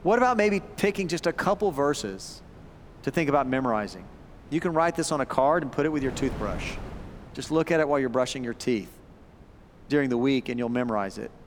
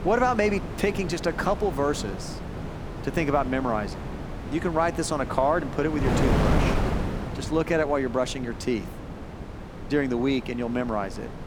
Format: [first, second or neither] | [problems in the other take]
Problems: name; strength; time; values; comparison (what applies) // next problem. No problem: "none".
first | wind noise on the microphone; heavy; 8 dB below the speech; occasional gusts in the first